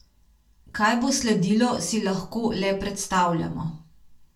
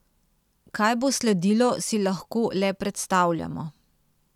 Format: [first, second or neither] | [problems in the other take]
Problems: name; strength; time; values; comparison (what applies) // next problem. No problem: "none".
second | room echo; dies away in 0.3 s